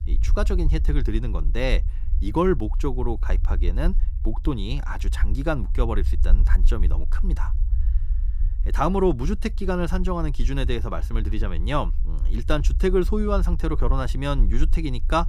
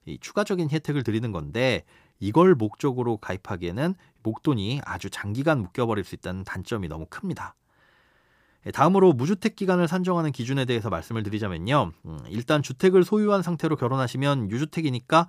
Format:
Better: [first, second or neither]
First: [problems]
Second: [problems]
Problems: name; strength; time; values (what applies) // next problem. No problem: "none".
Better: second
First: low rumble; noticeable; throughout; 20 dB below the speech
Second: none